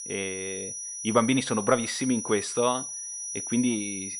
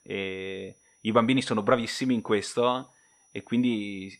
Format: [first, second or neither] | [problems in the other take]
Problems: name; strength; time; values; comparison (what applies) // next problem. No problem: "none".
second | high-pitched whine; loud; throughout; 6 kHz, 6 dB below the speech; faint in the second